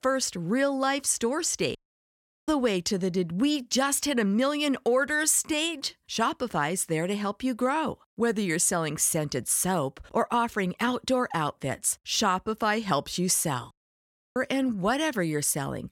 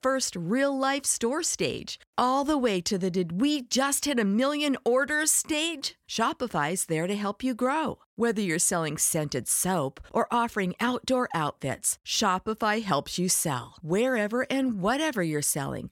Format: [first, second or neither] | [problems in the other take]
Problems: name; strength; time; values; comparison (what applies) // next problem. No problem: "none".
second | audio cutting out; at 2 s for 0.5 s and at 14 s for 0.5 s